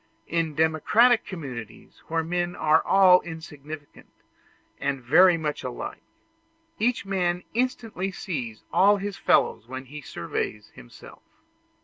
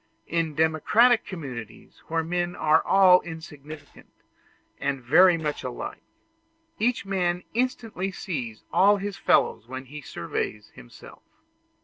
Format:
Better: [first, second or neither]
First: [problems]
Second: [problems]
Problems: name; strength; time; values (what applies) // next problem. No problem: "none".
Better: first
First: none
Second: noise reduction (neural separator model SepFormer DNS4)